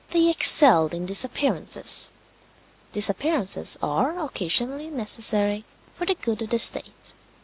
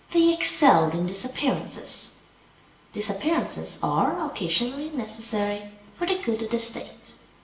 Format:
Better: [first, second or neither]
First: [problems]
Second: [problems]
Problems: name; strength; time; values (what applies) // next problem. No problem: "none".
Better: first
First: none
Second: room echo; dies away in 0.8 s